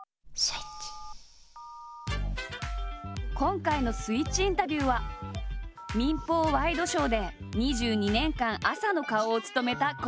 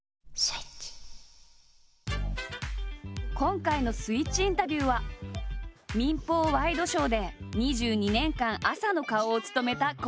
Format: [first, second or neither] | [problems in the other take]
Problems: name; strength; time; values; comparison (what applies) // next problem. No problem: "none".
second | background sound (Telephone); 17 dB below the speech